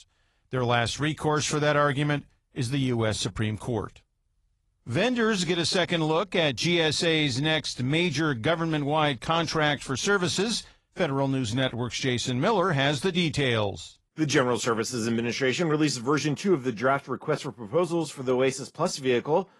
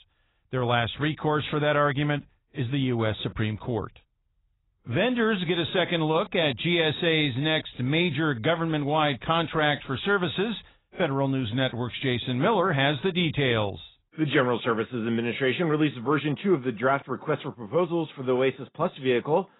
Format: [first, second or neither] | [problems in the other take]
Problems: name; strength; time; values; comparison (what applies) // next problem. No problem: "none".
first | garbled, watery; badly; nothing above 4 kHz; slightly in the first